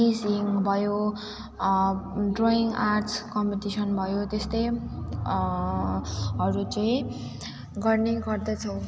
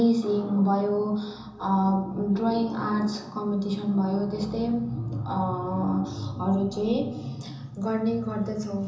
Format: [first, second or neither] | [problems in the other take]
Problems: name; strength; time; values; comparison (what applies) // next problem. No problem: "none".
first | room echo; dies away in 0.6 s